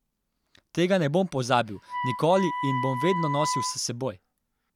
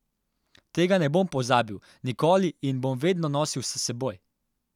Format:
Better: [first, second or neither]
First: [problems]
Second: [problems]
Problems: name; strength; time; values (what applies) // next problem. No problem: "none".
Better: second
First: background sound (Wind instrument, woodwind instrument); 6 dB below the speech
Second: none